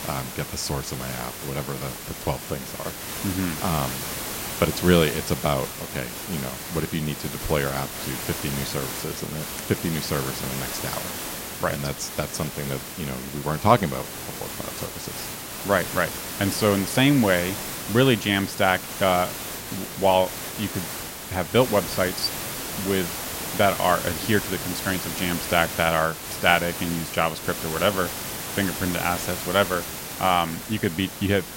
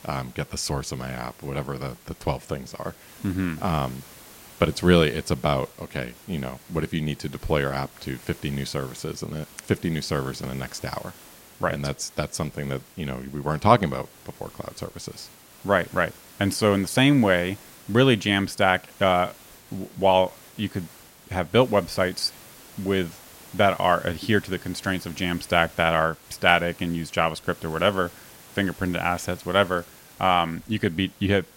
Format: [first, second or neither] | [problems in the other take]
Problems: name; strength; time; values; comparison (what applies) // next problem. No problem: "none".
second | hiss; loud; throughout; 6 dB below the speech; faint in the second